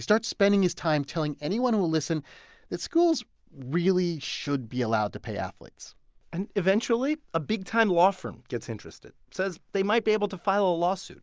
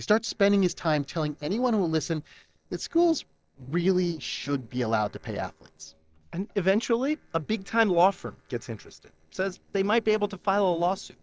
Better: first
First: none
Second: noise reduction (neural separator model SepFormer DNS4)

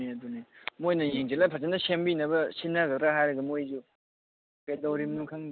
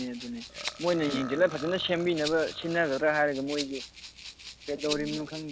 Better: first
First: none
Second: background sound (Rattle (instrument) + Burping, eructation); 12 dB below the speech

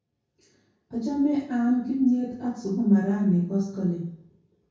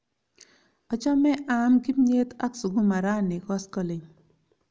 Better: second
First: room echo; dies away in 0.5 s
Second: none

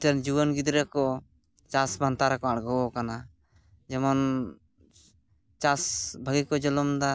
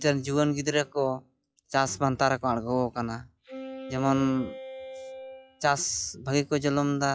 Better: first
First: none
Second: noise reduction (classical method log-MMSE)

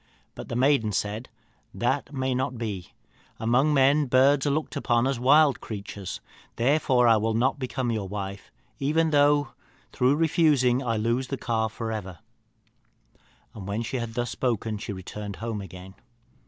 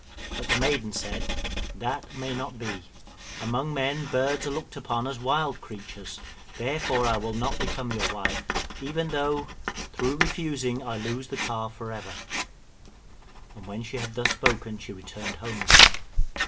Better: first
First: none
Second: background sound (Writing); 3 dB above the speech // room echo; dies away in 0.2 s

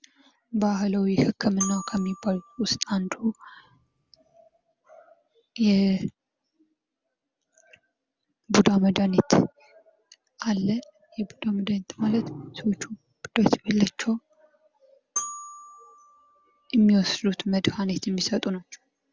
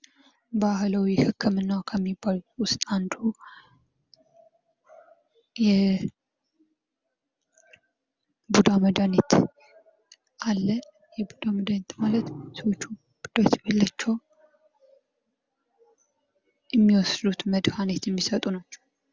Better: second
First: background sound (Glockenspiel); 14 dB below the speech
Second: none

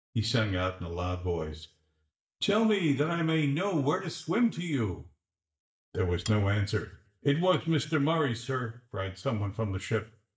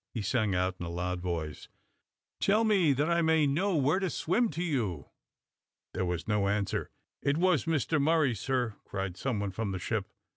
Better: second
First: noise reduction (neural mask model DeepFilterNet 3)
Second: none

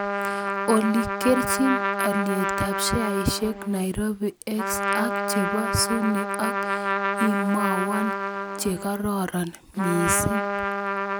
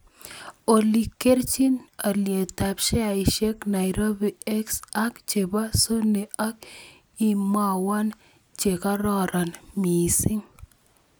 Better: second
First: background sound (Trumpet); 1 dB below the speech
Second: none

